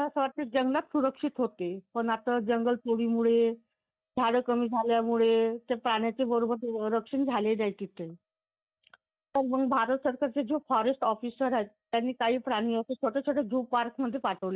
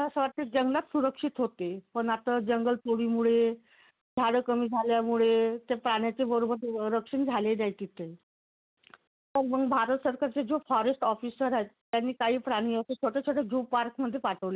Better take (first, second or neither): second